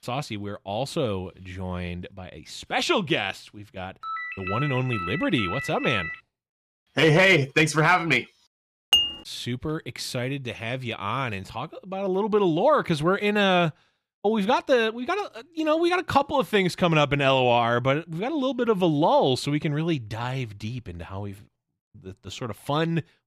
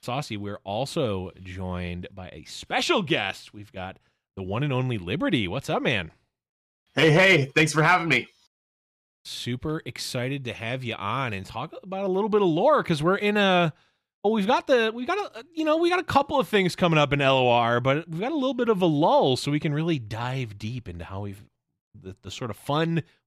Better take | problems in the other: second | phone ringing; noticeable; from 4 to 6 s; peak 7 dB below the speech // clattering dishes; loud; at 9 s; peak 4 dB above the speech

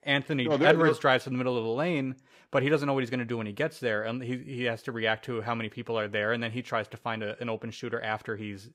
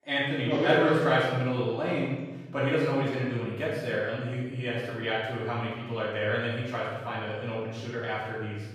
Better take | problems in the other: first | off-mic speech; far // room echo; strong; dies away in 1.1 s

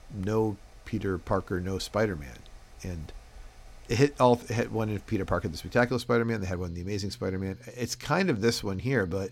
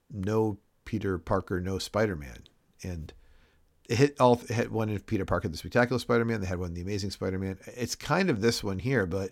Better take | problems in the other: second | machinery noise; faint; throughout; 25 dB below the speech

